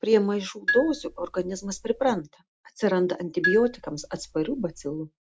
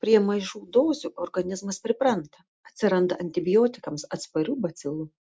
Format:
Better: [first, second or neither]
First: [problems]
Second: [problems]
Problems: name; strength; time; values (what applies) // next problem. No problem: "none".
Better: second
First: background sound (Marimba, xylophone); 7 dB below the speech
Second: none